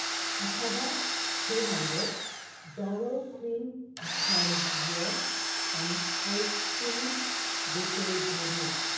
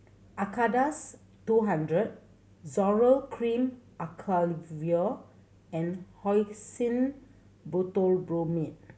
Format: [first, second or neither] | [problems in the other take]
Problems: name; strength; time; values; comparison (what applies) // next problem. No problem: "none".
second | background sound (Domestic sounds, home sounds); 4 dB above the speech // room echo; dies away in 0.9 s